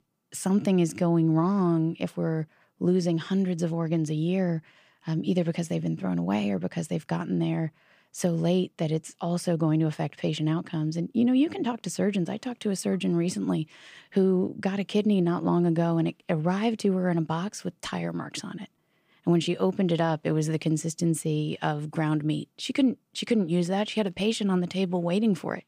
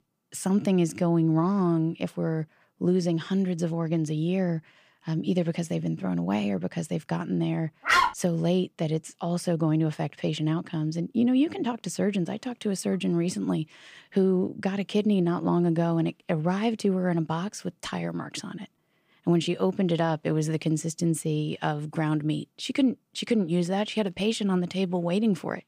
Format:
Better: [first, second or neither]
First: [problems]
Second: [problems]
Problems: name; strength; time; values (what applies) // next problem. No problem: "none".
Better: first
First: none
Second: dog barking; loud; at 8 s; peak 5 dB above the speech